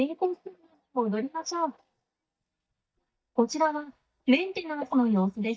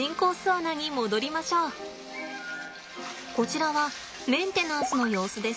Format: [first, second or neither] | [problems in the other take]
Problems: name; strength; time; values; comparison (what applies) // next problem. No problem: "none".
second | noise reduction (neural mask model DeepFilterNet 3)